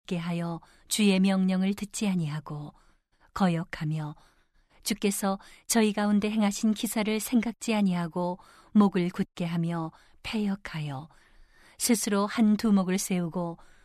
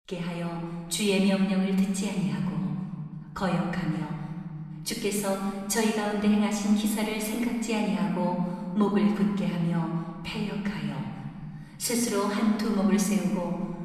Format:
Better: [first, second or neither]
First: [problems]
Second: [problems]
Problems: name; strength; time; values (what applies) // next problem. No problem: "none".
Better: first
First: none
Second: room echo; noticeable; dies away in 2 s // off-mic speech; somewhat distant